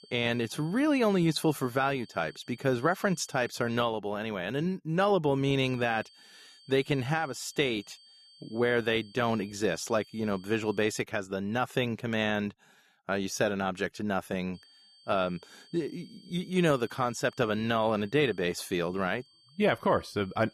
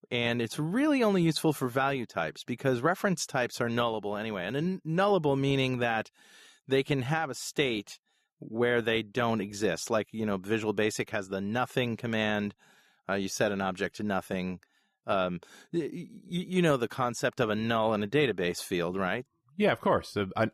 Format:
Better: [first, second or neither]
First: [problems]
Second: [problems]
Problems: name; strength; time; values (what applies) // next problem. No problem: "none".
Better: second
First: high-pitched whine; faint; until 4 s, from 5.5 to 11 s and from 15 s on; 4.5 kHz, 25 dB below the speech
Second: none